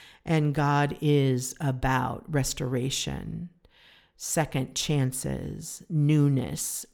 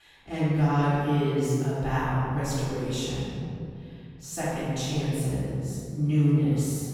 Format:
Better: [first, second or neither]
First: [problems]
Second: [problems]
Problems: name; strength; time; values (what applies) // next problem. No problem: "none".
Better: first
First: none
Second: room echo; strong; dies away in 2.4 s // off-mic speech; far